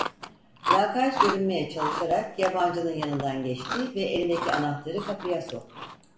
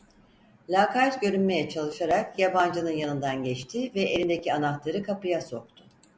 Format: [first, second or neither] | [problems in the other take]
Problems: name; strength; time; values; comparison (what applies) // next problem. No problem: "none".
second | background sound (Chewing, mastication); 4 dB below the speech // room echo; dies away in 0.5 s